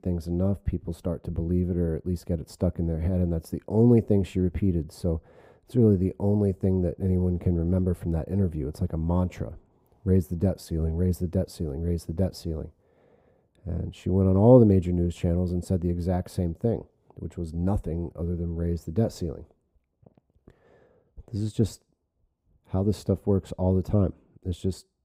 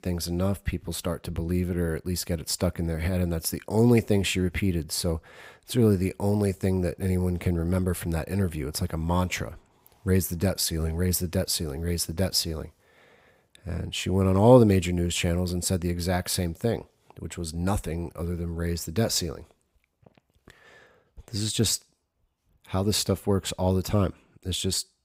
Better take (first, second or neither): second